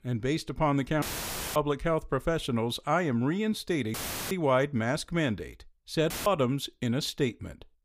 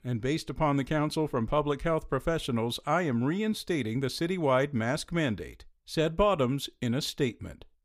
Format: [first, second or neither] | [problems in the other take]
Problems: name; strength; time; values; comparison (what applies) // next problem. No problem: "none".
second | audio cutting out; filled with static; at 1 s for 0.5 s, at 4 s and at 6 s